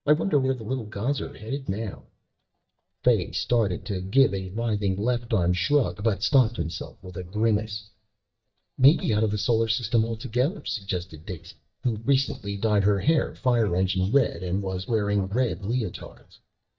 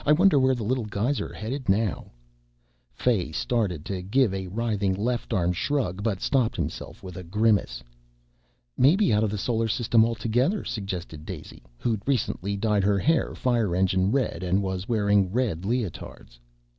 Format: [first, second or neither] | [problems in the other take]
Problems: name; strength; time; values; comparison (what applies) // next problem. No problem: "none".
second | noise reduction (neural mask model DeepFilterNet 3)